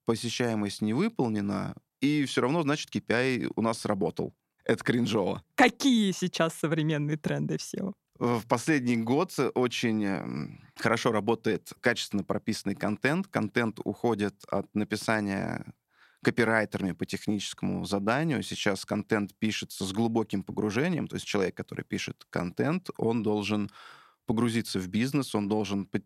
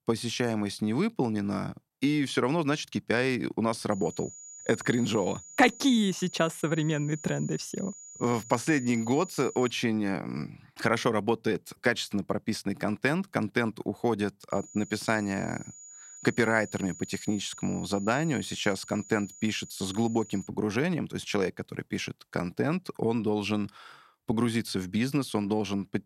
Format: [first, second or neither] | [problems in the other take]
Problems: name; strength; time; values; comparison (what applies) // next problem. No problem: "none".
first | high-pitched whine; noticeable; from 4 to 9.5 s and from 15 to 20 s; 7 kHz, 15 dB below the speech